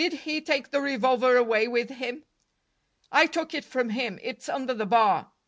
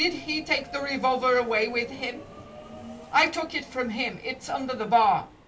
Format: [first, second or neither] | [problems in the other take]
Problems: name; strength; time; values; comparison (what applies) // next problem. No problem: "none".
first | background sound (Subway, metro, underground); 18 dB below the speech // room echo; dies away in 0.2 s